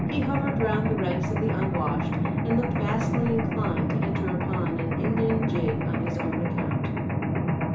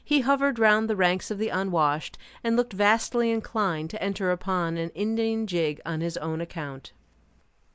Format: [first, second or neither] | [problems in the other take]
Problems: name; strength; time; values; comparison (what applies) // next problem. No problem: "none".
second | background sound (Mechanisms); 5 dB above the speech // room echo; dies away in 0.7 s